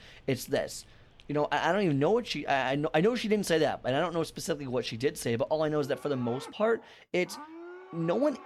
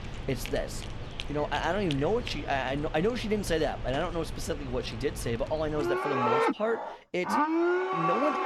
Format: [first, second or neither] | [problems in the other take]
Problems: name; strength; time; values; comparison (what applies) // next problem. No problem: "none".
first | animal sounds; loud; throughout; 2 dB below the speech; faint in the first